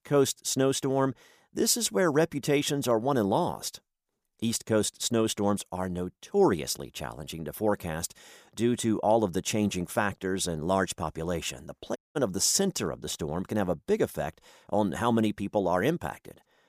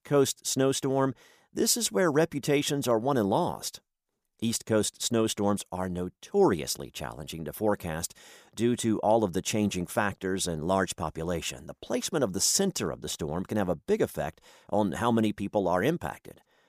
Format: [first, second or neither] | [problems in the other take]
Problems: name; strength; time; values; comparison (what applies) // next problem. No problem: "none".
second | audio cutting out; at 12 s